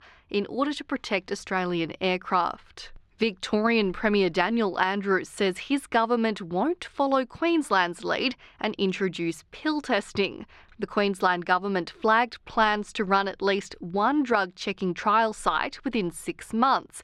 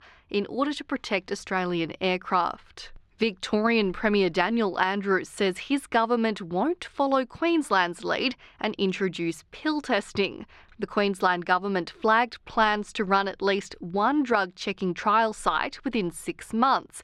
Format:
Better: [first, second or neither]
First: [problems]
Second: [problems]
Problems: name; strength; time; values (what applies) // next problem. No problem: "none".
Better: neither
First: muffled; slightly; fading above 3 kHz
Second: muffled; slightly; fading above 3 kHz